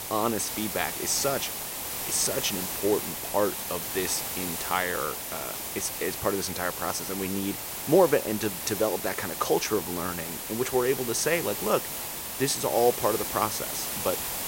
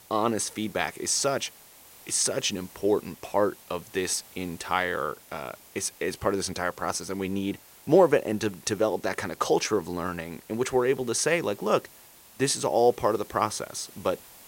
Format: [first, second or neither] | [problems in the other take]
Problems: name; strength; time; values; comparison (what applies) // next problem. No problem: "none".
second | hiss; loud; throughout; 3 dB below the speech; faint in the second